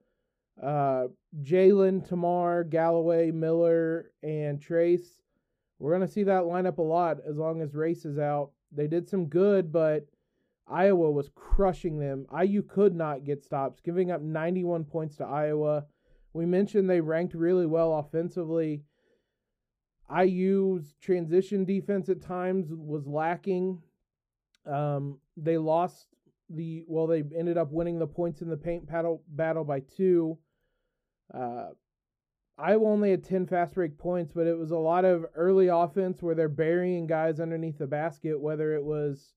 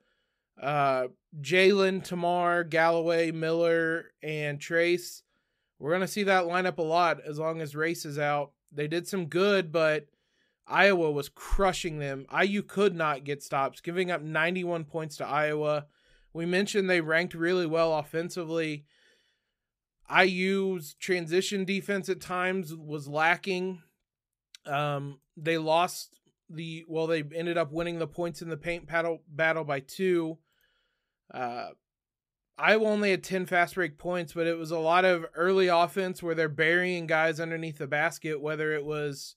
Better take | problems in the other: second | muffled; very; fading above 1 kHz

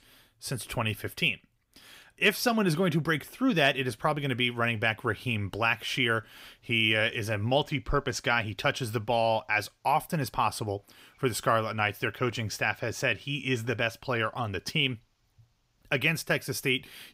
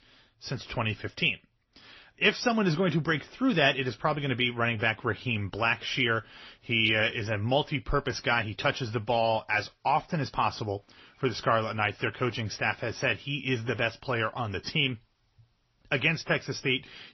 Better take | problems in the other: first | garbled, watery; slightly; nothing above 6 kHz

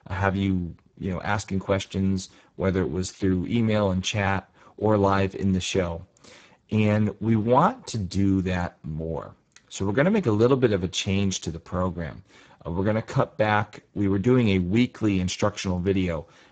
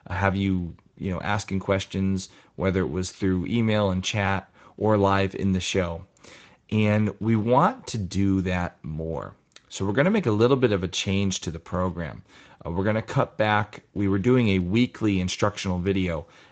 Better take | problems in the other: second | garbled, watery; badly; nothing above 7.5 kHz; slightly in the second

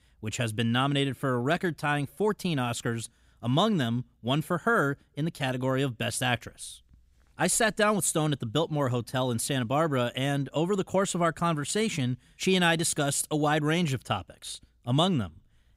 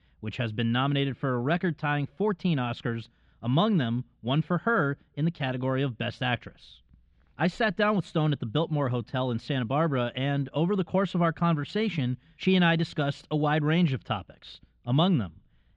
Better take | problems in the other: first | muffled; slightly; fading above 4 kHz

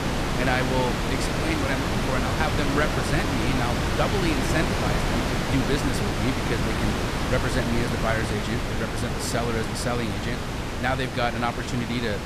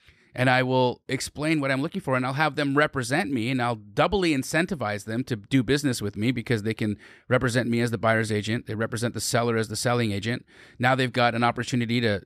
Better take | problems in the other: second | wind noise on the microphone; heavy; 1 dB above the speech

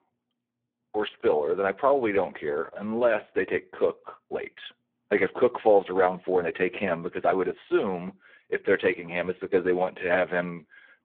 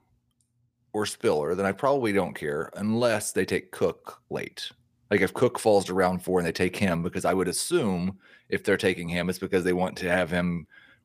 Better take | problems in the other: second | phone-call audio; poor line

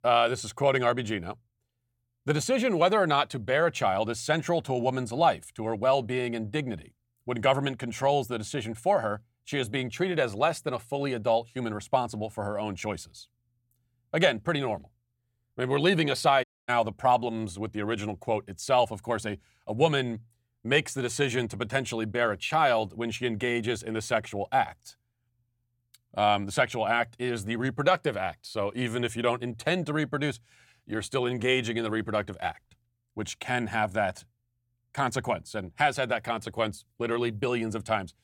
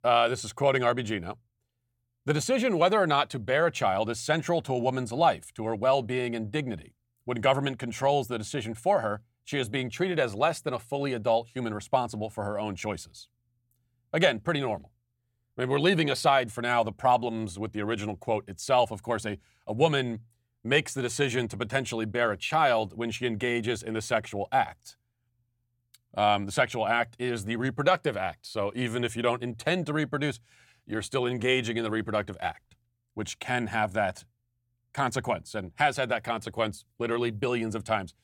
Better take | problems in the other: second | audio cutting out; at 16 s

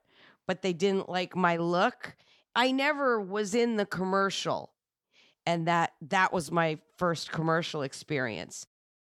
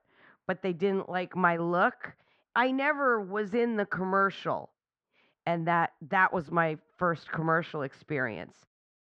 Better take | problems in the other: first | muffled; very; fading above 2 kHz

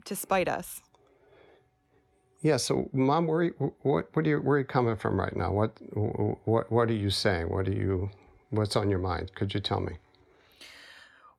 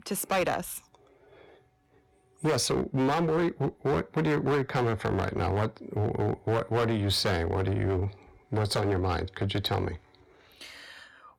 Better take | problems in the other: first | distortion; heavy; 10% of the sound clipped

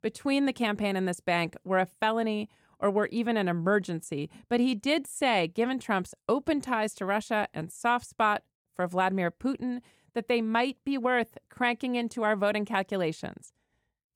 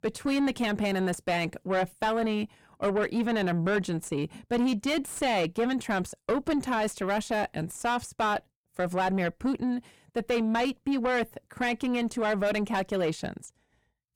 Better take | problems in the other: first | distortion; heavy; 7 dB below the speech

